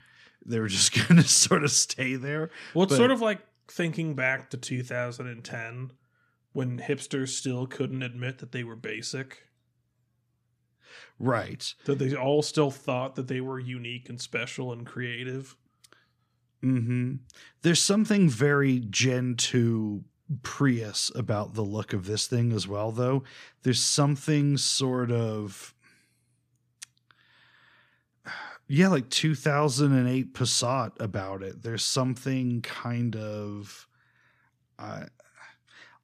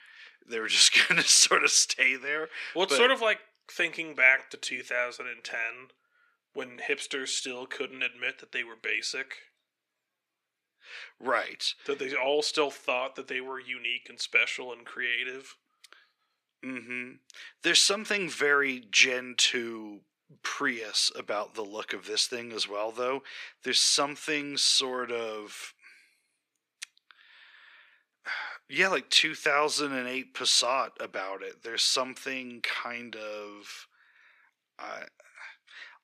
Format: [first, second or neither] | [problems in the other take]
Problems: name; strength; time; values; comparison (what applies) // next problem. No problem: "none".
first | thin; very; fading below 400 Hz